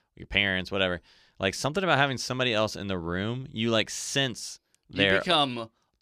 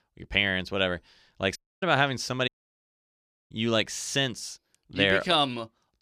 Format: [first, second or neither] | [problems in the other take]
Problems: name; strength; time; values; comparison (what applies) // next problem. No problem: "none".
first | audio cutting out; at 1.5 s and at 2.5 s for 1 s